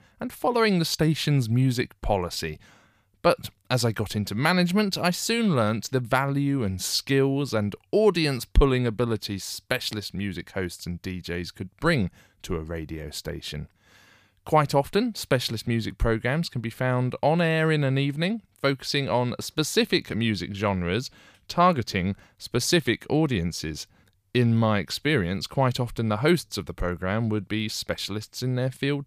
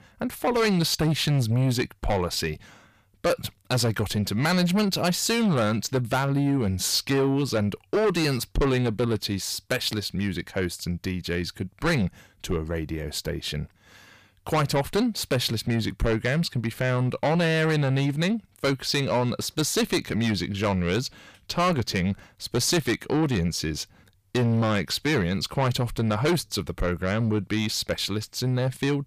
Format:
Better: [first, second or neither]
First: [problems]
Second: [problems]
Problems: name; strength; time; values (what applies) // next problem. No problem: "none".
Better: first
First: none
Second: distortion; heavy; 7 dB below the speech